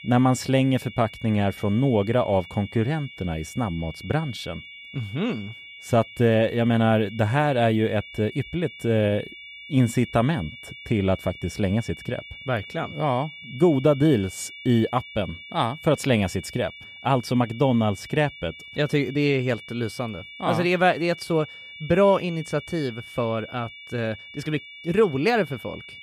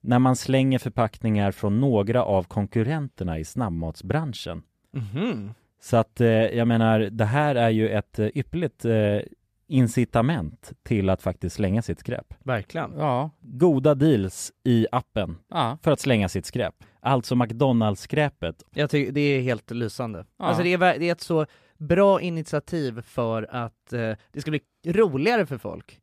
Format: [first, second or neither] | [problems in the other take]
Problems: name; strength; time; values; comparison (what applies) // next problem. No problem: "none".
second | high-pitched whine; noticeable; throughout; 2.5 kHz, 15 dB below the speech